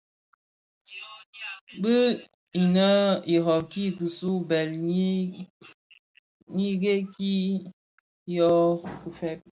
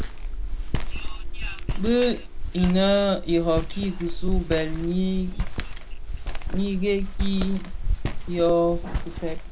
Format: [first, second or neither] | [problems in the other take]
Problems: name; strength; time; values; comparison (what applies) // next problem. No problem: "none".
first | background sound (Walk, footsteps); as loud as the speech